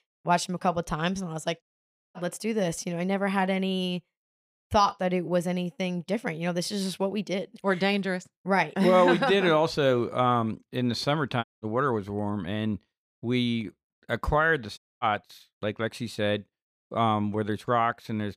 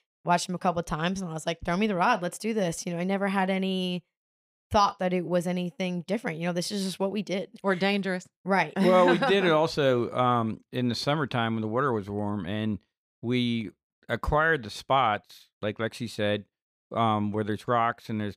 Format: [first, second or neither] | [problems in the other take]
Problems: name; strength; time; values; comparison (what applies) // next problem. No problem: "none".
second | audio cutting out; at 1.5 s for 0.5 s, at 11 s and at 15 s